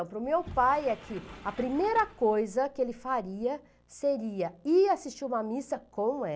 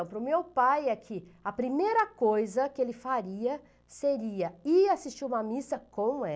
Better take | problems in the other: second | background sound (Sliding door); 18 dB below the speech

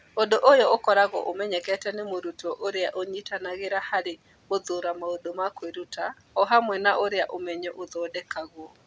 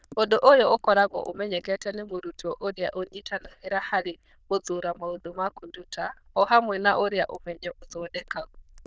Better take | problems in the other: first | noise reduction (neural diffusion model UNIVERSE++)

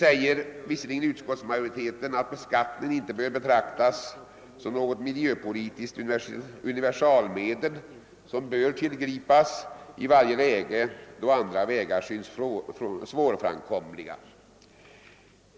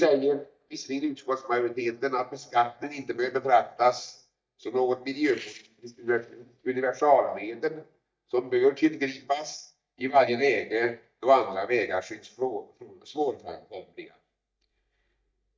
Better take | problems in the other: first | noise reduction (neural mask model DeepFilterNet 3)

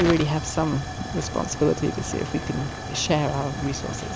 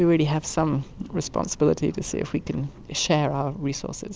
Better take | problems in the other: second | background sound (Tick / Hiss / Explosion / Fire); 6 dB below the speech

